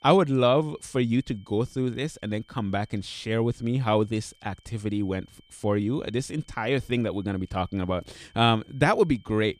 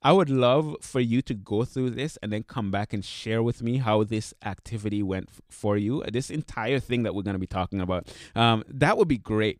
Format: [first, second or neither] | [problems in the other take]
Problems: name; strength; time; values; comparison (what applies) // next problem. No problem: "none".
second | high-pitched whine; faint; throughout; 3 kHz, 35 dB below the speech